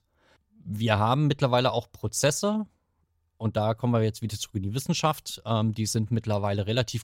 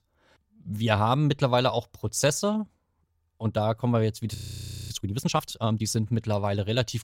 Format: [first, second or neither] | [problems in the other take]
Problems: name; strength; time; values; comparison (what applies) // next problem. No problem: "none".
first | audio freezing; at 4.5 s for 0.5 s